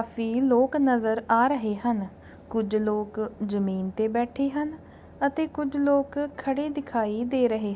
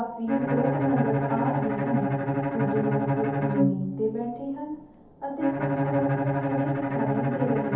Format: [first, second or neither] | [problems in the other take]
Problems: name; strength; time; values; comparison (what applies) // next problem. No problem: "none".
first | background sound (Bowed string instrument); 3 dB above the speech // room echo; dies away in 0.8 s